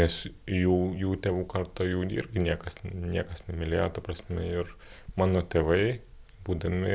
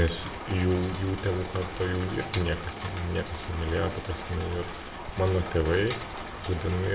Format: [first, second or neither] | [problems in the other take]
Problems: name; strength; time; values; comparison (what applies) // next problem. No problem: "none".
first | background sound (Rain); 9 dB below the speech // room echo; dies away in 0.8 s